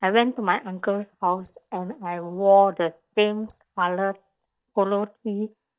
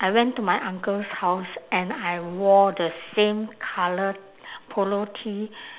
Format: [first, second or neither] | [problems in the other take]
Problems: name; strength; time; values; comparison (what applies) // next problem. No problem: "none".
second | noise reduction (neural mask model DeepFilterNet 3)